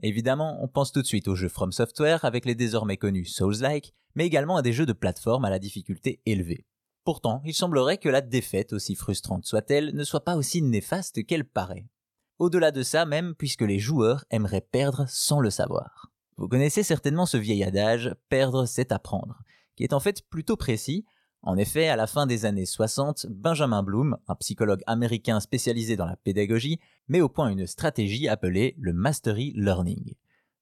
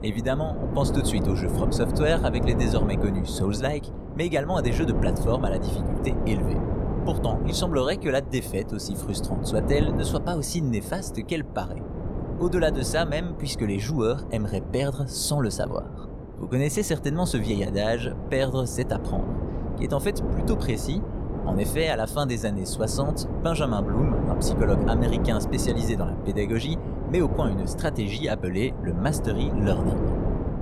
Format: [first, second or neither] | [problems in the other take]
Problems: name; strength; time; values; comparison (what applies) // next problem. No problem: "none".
first | wind noise on the microphone; heavy; 6 dB below the speech